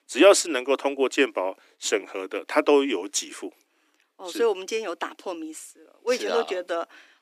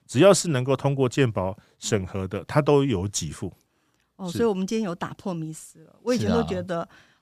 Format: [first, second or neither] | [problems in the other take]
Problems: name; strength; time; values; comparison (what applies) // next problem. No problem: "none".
second | thin; somewhat; fading below 300 Hz